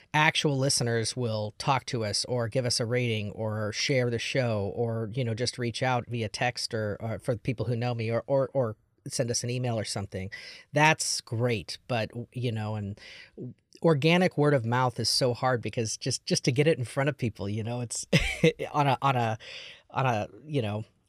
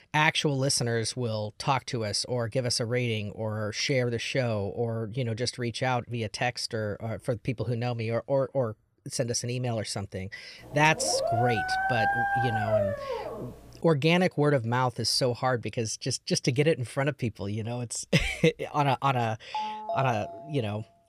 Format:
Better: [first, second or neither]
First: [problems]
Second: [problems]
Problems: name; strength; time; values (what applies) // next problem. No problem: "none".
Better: first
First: none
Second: dog barking; loud; from 11 to 13 s; peak 2 dB above the speech // phone ringing; noticeable; from 20 to 21 s; peak 5 dB below the speech